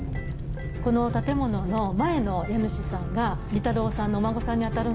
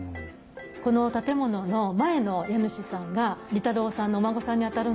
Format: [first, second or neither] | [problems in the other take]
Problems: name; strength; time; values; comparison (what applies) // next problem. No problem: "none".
second | background sound (Fire); 4 dB below the speech